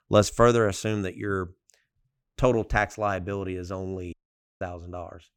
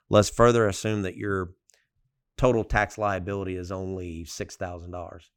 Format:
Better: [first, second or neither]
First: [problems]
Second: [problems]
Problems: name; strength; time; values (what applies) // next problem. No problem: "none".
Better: second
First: audio cutting out; at 4 s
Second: none